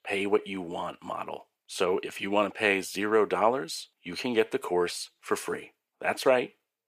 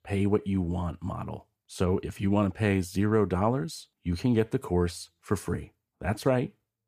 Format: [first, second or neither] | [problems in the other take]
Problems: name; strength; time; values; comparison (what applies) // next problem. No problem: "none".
second | thin; somewhat; fading below 500 Hz